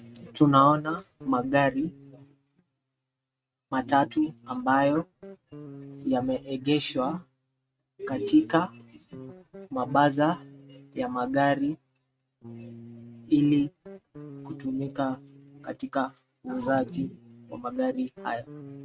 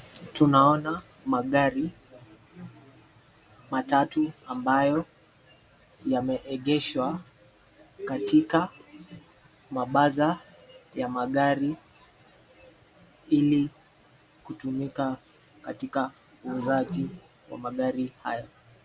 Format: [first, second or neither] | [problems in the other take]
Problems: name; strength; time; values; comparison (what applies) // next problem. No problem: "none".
second | noise reduction (neural mask model RNNoise)